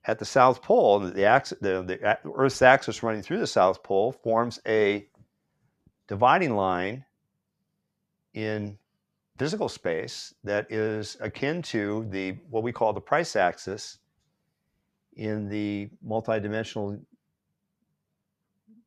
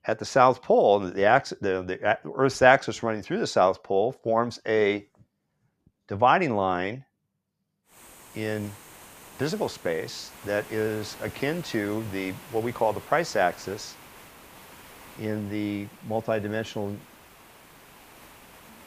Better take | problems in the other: first | hiss; faint; from 8 s on; 20 dB below the speech

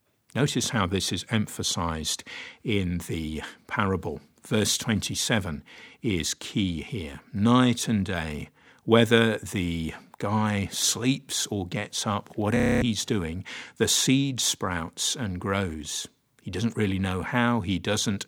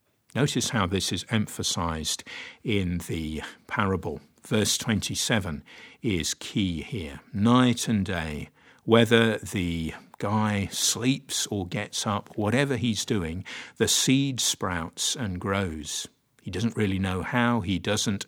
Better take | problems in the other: second | audio freezing; at 13 s

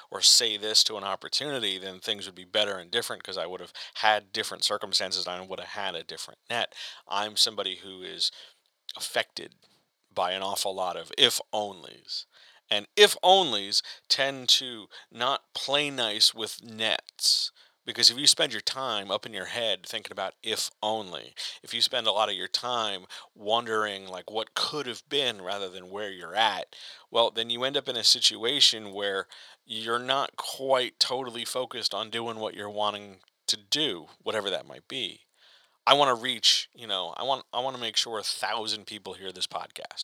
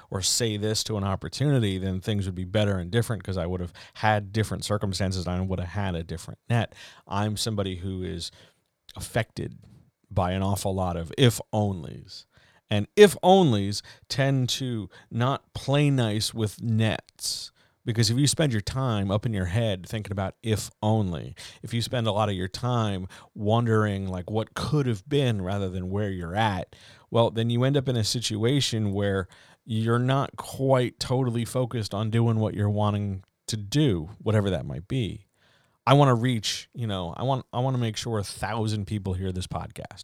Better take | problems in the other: second | thin; very; fading below 600 Hz

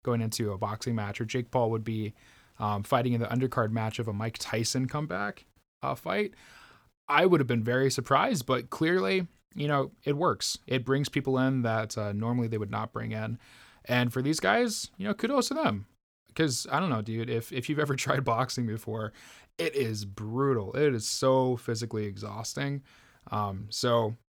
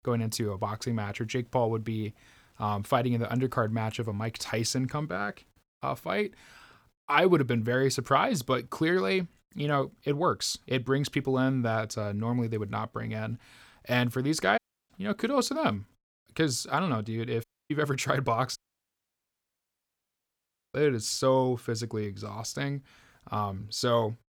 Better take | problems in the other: first | audio cutting out; at 15 s, at 17 s and at 19 s for 2 s

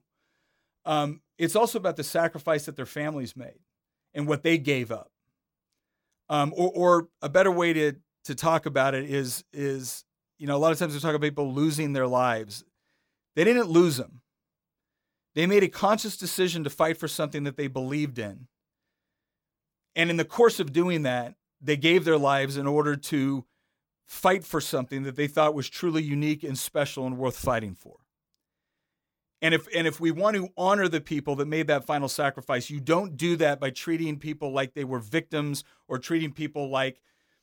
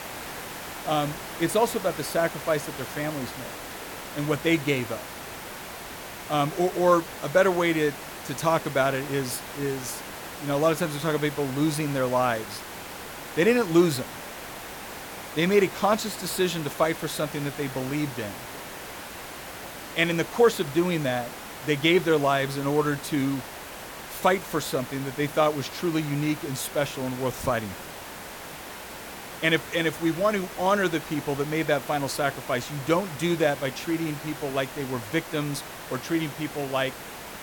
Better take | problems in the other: first | hiss; noticeable; throughout; 10 dB below the speech

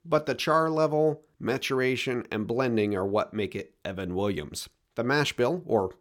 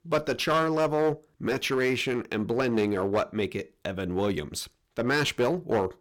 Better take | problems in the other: first | distortion; slight; 8% of the sound clipped

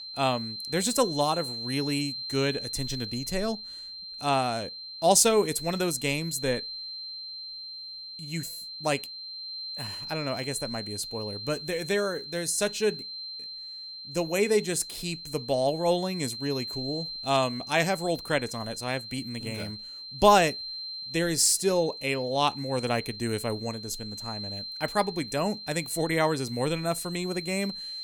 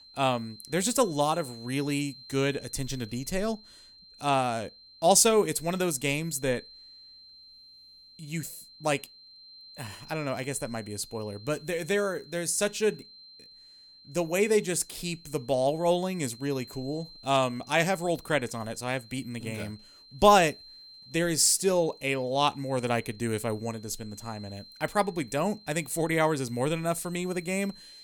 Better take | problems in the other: second | high-pitched whine; loud; throughout; 4 kHz, 9 dB below the speech; faint in the second

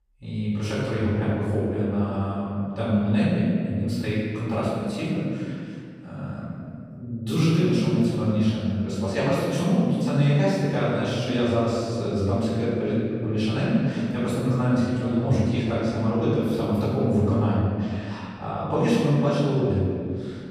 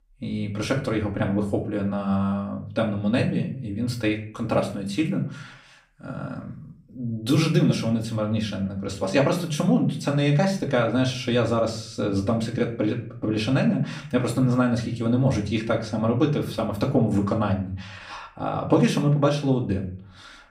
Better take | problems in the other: second | room echo; strong; dies away in 2.1 s; slight in the second // off-mic speech; far; somewhat distant in the second

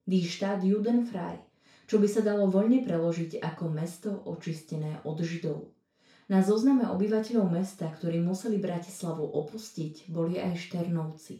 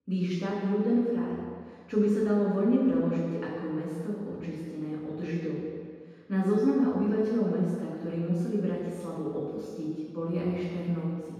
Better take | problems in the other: first | room echo; strong; dies away in 1.8 s; slight in the first // off-mic speech; far; far in the first

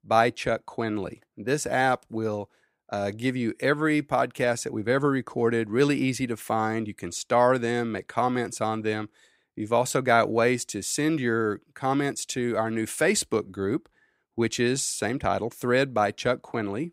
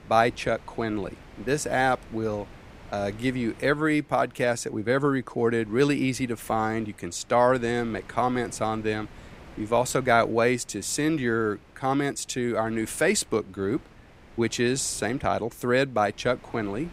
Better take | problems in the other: first | wind noise on the microphone; occasional gusts; 25 dB below the speech

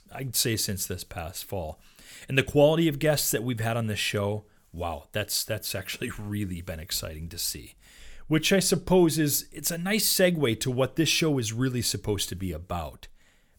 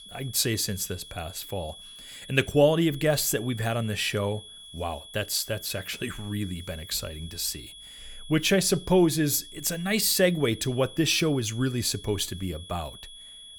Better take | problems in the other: first | high-pitched whine; noticeable; throughout; 3.5 kHz, 15 dB below the speech

